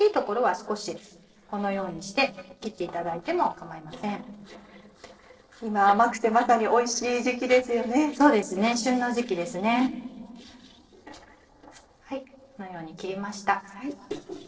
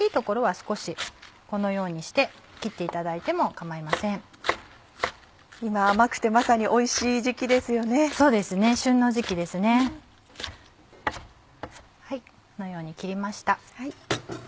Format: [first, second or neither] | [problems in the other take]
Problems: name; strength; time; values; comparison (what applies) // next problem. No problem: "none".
second | noise reduction (neural separator model SepFormer DNS4)